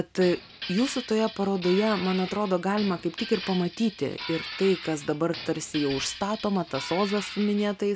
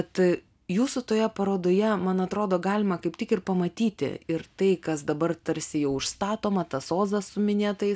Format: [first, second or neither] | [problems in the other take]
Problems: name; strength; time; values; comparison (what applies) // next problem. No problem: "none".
second | background sound (Glass); 12 dB below the speech